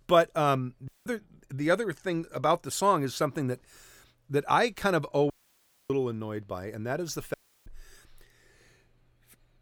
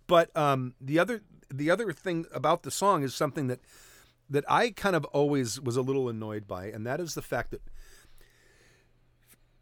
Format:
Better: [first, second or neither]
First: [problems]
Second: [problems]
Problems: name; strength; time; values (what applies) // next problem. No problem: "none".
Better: second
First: audio cutting out; at 1 s, at 5.5 s for 0.5 s and at 7.5 s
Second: none